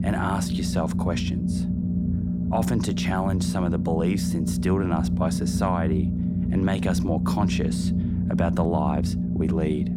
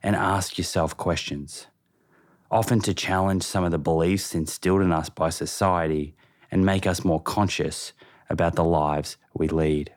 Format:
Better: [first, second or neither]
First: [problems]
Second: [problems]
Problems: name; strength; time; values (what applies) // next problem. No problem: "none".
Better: second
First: low rumble; loud; throughout; 4 dB below the speech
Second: none